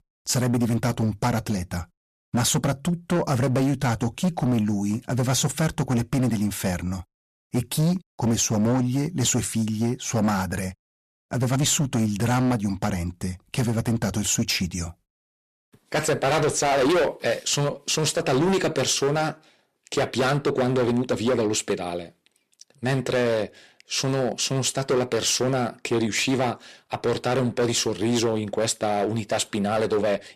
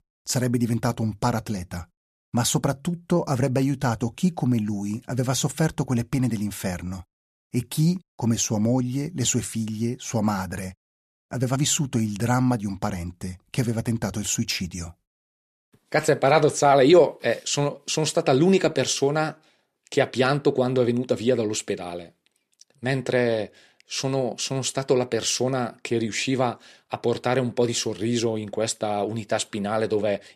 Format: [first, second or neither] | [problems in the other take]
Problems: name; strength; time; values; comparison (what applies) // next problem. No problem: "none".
second | distortion; heavy; 13% of the sound clipped